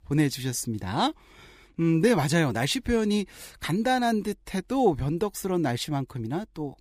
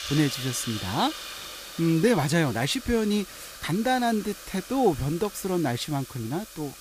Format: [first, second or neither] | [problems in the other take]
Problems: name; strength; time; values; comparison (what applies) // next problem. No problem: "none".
first | hiss; noticeable; throughout; 10 dB below the speech